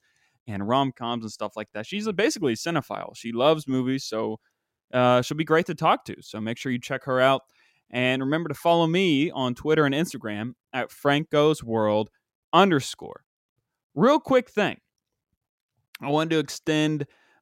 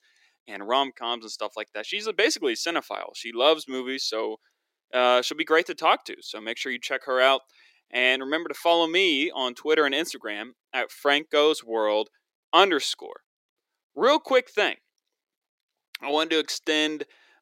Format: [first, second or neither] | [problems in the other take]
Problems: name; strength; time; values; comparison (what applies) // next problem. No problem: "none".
first | thin; somewhat; fading below 350 Hz